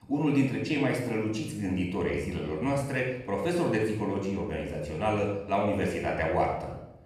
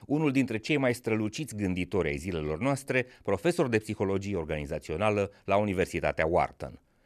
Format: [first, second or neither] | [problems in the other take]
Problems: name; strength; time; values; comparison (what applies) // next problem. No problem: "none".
second | off-mic speech; far // room echo; noticeable; dies away in 0.7 s